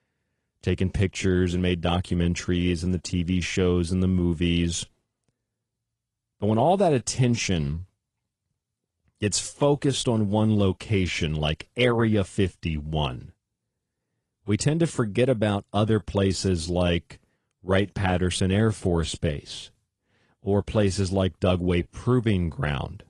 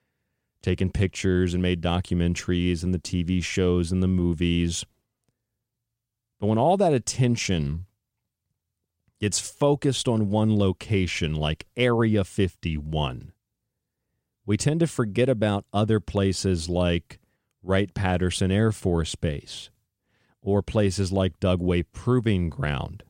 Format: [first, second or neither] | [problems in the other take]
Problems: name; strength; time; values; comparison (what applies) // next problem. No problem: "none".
second | garbled, watery; slightly; nothing above 10 kHz